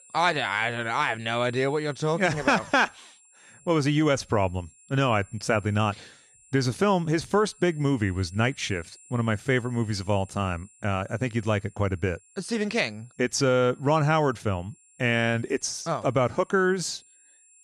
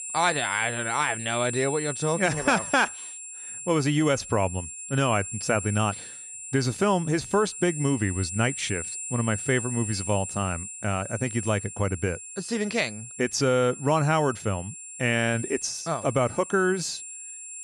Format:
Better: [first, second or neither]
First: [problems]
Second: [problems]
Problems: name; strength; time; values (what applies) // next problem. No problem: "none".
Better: first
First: high-pitched whine; faint; throughout; 7.5 kHz, 25 dB below the speech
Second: high-pitched whine; loud; throughout; 7.5 kHz, 8 dB below the speech